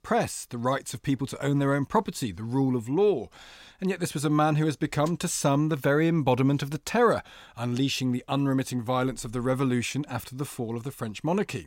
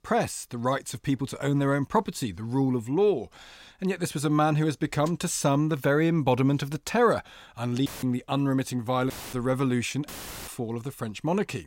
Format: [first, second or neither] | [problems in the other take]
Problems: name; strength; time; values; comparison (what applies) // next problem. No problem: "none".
first | audio cutting out; filled with static; at 8 s, at 9 s and at 10 s